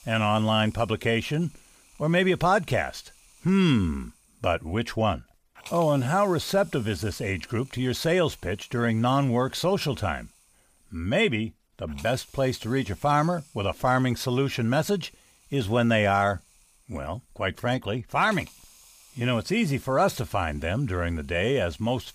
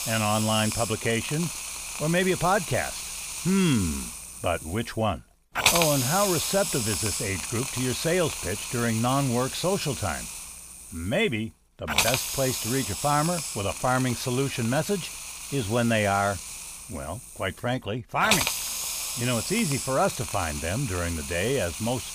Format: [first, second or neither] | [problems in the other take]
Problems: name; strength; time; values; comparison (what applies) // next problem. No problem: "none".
first | hiss; loud; throughout; 2 dB below the speech; faint in the first